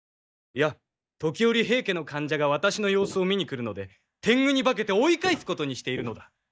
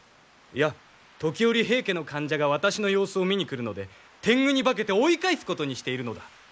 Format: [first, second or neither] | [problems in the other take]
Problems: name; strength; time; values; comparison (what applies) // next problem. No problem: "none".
second | noise reduction (neural mask model DeepFilterNet 3)